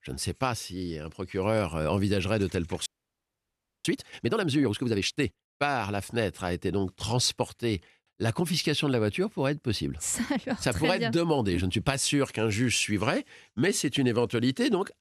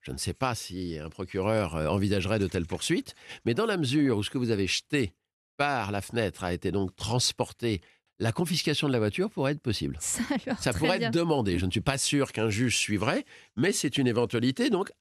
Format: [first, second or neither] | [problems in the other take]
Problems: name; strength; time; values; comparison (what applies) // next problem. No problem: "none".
second | audio freezing; at 3 s for 1 s